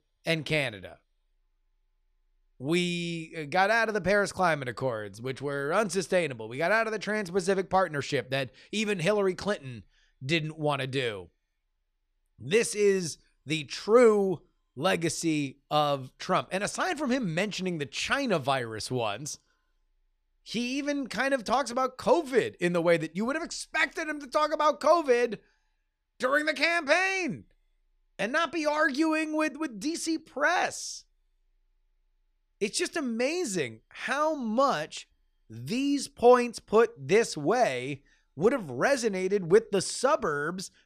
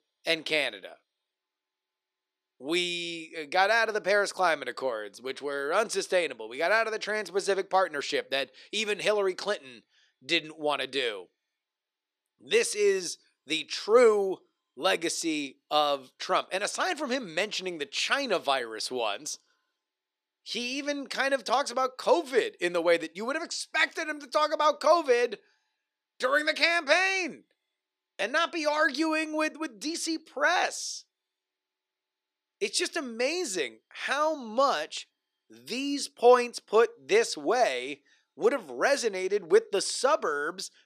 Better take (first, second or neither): first